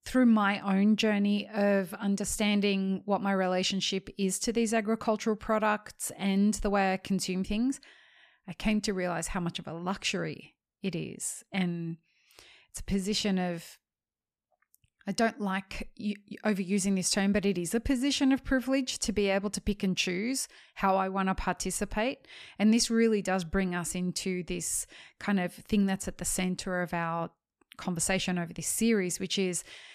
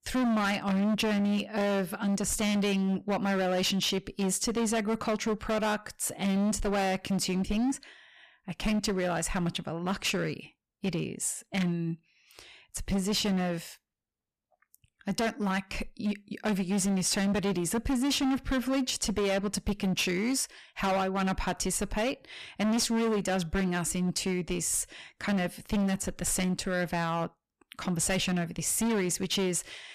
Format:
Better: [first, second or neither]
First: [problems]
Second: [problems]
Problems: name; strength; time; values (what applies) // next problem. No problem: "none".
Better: first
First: none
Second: distortion; heavy; 18% of the sound clipped